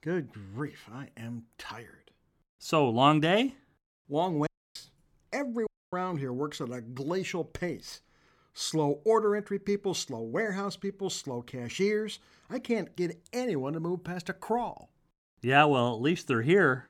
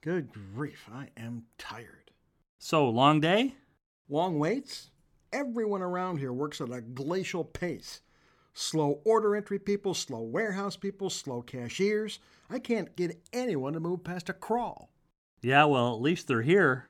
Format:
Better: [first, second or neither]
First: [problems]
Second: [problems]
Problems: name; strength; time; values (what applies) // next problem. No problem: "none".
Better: second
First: audio cutting out; at 4.5 s and at 5.5 s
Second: none